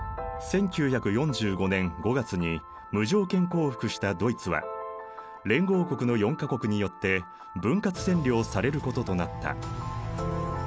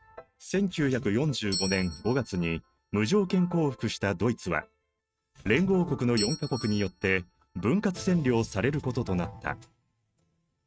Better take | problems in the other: first | noise reduction (neural mask model RNNoise)

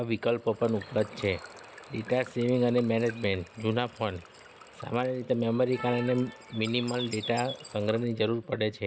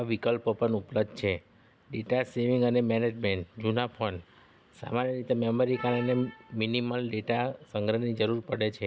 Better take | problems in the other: second | background sound (Water / Bird); 18 dB below the speech

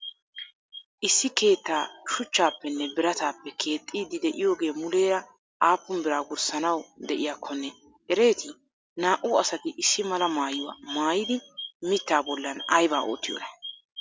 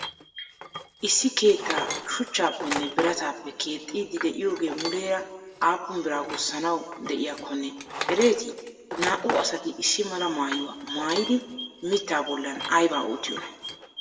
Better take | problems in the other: first | background sound (Tools); 10 dB below the speech // room echo; dies away in 1 s

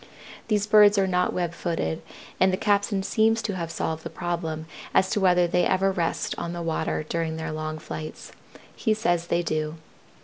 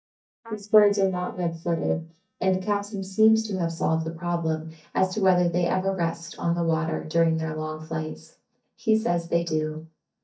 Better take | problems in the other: first | noise reduction (neural mask model DeepFilterNet 3)

